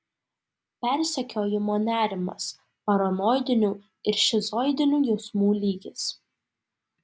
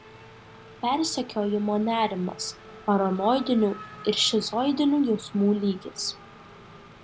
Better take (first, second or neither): first